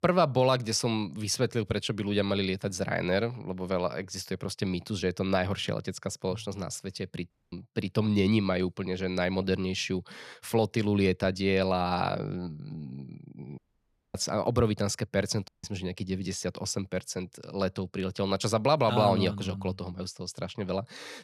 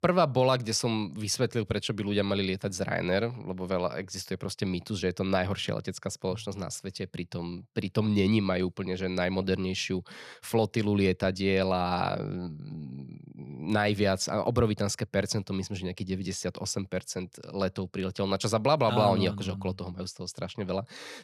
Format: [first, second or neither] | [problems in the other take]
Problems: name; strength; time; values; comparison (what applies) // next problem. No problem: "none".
second | audio cutting out; at 7.5 s, at 14 s for 0.5 s and at 15 s